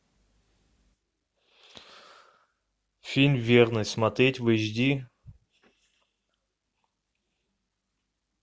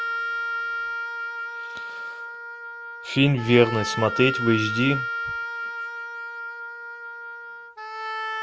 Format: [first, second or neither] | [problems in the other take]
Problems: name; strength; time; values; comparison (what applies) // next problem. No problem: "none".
first | background sound (Wind instrument, woodwind instrument); 4 dB below the speech